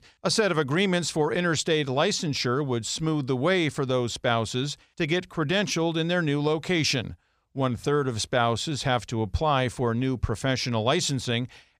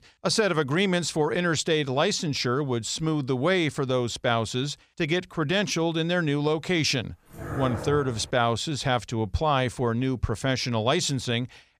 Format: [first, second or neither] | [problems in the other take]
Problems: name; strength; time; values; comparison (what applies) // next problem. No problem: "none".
first | dog barking; noticeable; at 7.5 s; peak 8 dB below the speech